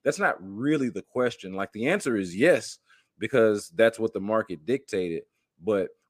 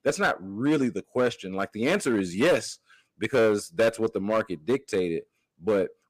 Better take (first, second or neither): first